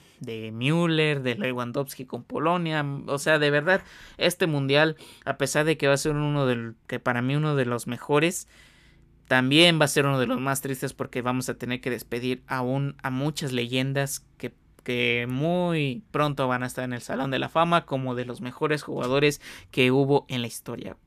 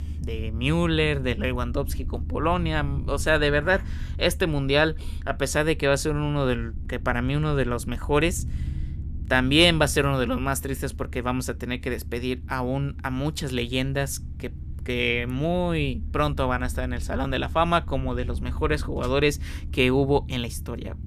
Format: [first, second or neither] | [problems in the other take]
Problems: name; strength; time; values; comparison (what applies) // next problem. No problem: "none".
first | low rumble; faint; throughout; 25 dB below the speech